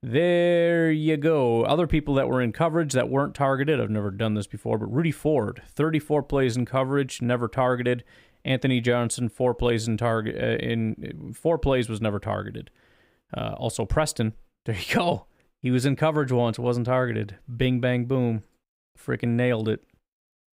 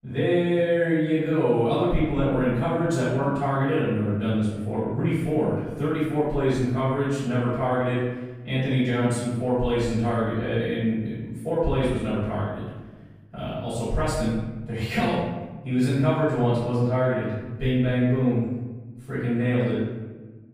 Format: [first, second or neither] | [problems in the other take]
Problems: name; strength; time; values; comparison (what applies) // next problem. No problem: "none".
first | off-mic speech; far // room echo; strong; dies away in 1.2 s